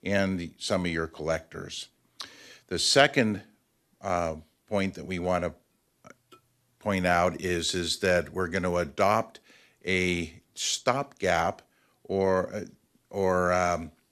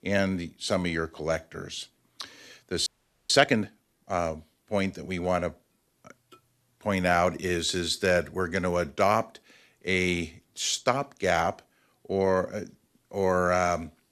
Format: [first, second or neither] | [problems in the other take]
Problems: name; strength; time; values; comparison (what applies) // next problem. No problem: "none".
first | audio freezing; at 3 s